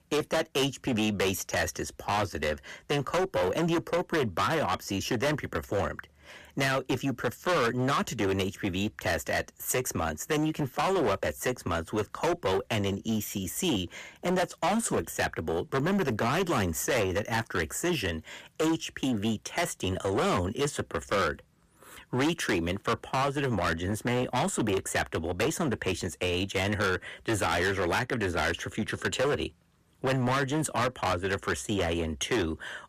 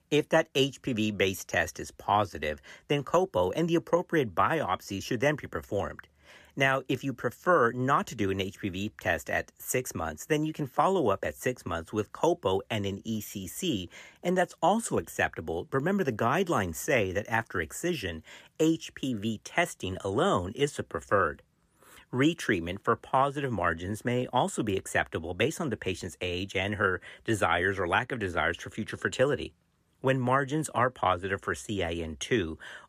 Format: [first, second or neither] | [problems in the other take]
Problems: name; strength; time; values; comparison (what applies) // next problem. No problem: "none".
second | distortion; heavy; 16% of the sound clipped